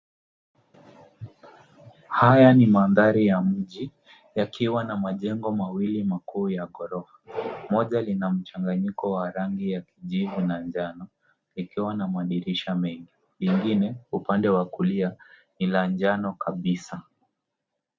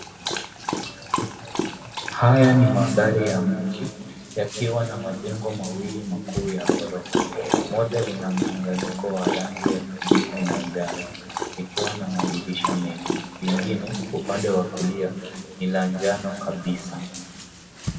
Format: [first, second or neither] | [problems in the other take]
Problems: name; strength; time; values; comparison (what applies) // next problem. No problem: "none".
first | background sound (Dog); 5 dB below the speech // room echo; dies away in 1.9 s